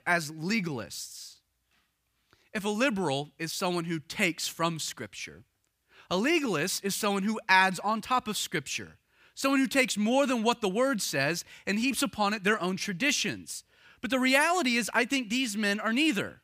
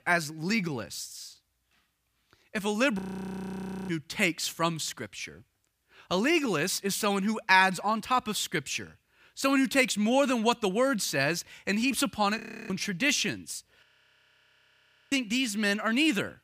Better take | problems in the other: first | audio freezing; at 3 s for 1 s, at 12 s and at 14 s for 1.5 s

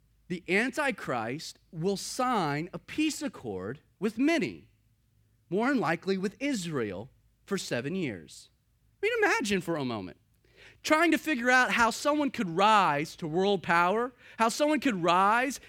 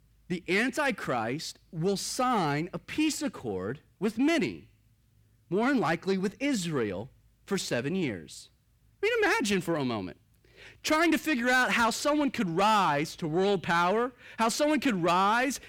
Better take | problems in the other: first | distortion; slight; 10 dB below the speech

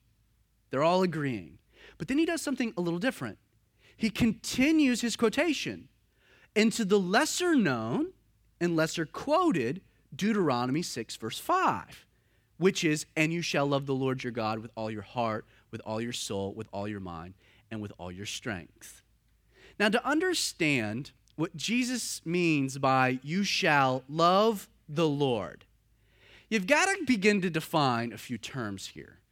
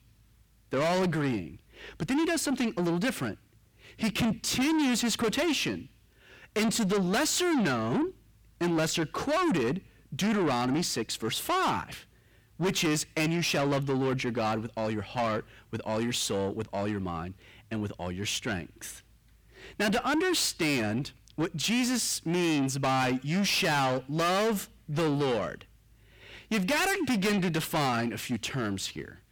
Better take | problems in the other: first | distortion; heavy; 6 dB below the speech

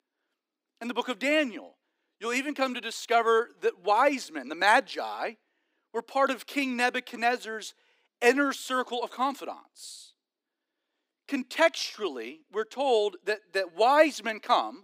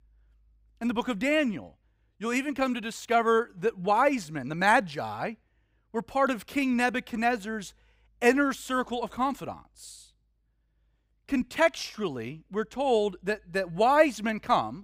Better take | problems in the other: second | thin; very slightly; fading below 250 Hz

